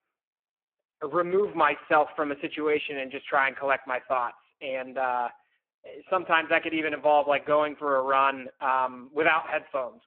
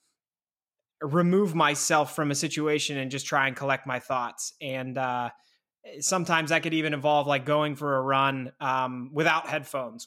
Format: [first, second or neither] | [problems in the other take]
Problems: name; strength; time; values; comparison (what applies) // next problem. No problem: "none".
second | phone-call audio; poor line